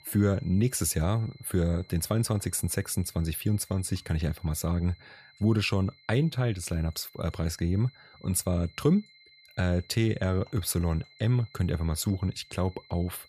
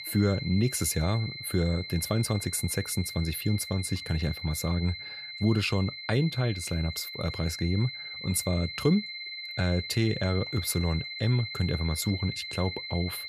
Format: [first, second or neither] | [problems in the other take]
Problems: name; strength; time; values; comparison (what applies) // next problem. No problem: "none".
first | high-pitched whine; loud; throughout; 4 kHz, 8 dB below the speech; faint in the first